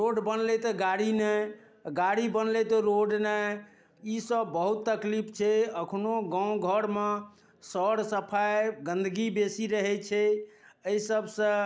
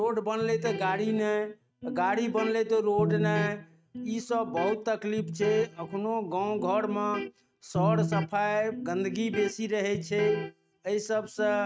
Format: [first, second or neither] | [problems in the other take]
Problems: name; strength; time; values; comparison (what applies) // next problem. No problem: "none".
first | noise reduction (neural mask model RNNoise)